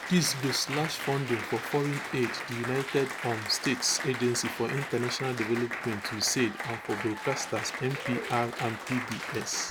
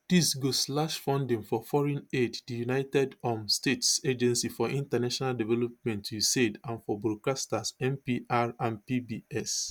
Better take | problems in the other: second | background sound (Applause); 6 dB below the speech

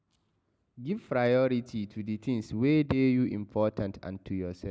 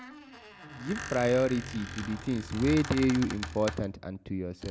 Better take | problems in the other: first | background sound (Squeak); 11 dB below the speech

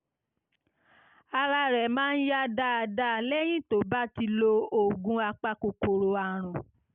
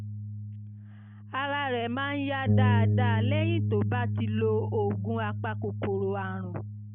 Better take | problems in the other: first | background sound (Bass guitar); 3 dB above the speech

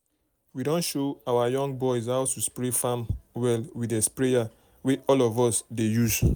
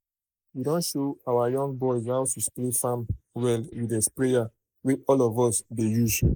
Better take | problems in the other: first | noise reduction (neural mask model Resemble Enhance denoiser)

